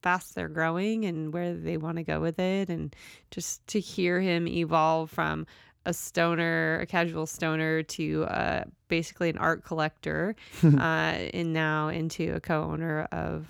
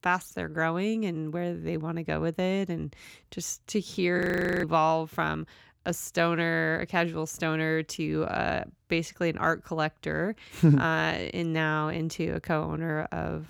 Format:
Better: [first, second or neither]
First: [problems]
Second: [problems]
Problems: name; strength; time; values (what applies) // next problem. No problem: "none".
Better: first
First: none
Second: audio freezing; at 4 s